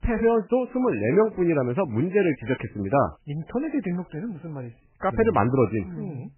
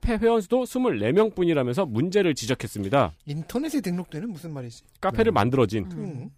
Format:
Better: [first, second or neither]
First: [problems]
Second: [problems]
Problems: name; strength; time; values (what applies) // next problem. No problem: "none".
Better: second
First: garbled, watery; badly; nothing above 2.5 kHz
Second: none